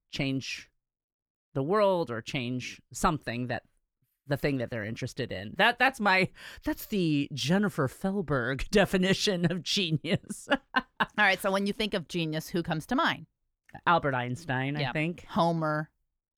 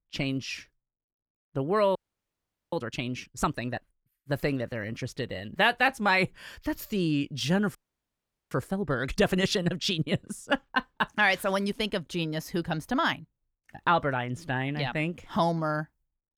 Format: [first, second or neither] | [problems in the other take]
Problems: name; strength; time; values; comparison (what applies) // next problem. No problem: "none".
first | audio freezing; at 2 s for 1 s and at 8 s for 1 s